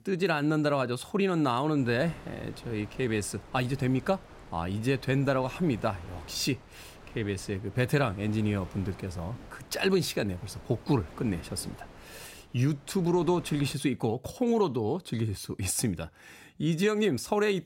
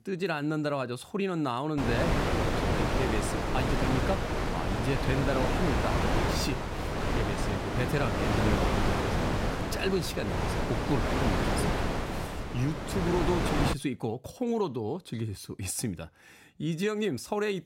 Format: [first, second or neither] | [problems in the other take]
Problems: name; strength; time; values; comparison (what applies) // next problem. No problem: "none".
first | wind noise on the microphone; heavy; from 2 to 14 s; 3 dB above the speech; occasional gusts in the first